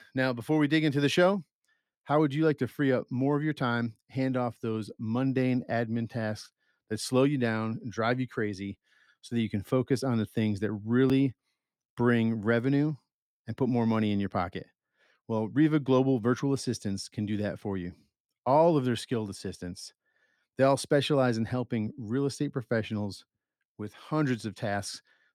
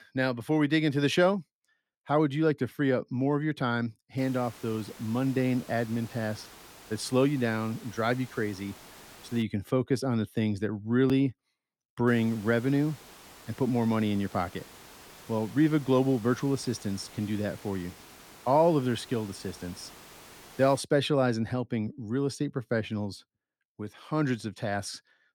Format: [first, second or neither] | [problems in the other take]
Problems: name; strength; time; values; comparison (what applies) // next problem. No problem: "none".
first | hiss; noticeable; from 4 to 9.5 s and from 12 to 21 s; 20 dB below the speech